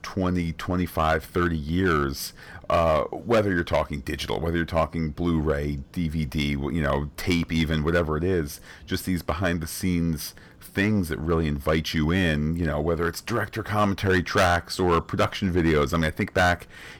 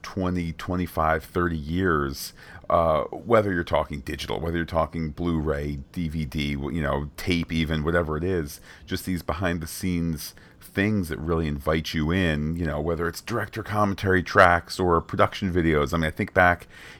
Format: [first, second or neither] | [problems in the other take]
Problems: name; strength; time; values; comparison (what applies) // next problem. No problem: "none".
second | distortion; slight; 4% of the sound clipped